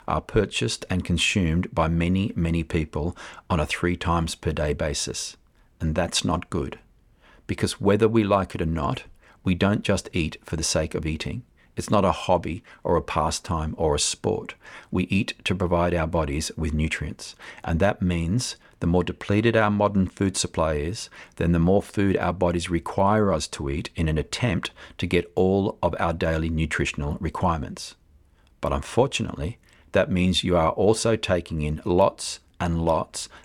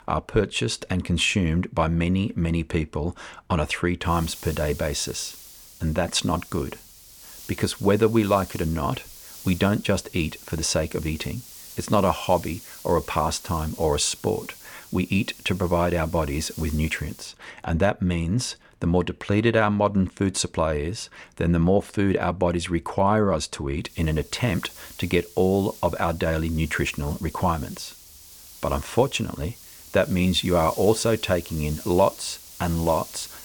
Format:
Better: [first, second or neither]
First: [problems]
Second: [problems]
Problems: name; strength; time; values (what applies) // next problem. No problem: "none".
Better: first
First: none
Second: hiss; noticeable; from 4 to 17 s and from 24 s on; 15 dB below the speech